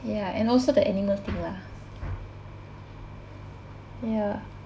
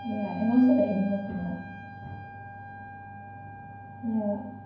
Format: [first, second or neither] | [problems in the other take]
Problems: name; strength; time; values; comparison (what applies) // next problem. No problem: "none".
first | background sound (Wind instrument, woodwind instrument); 15 dB below the speech // room echo; dies away in 0.9 s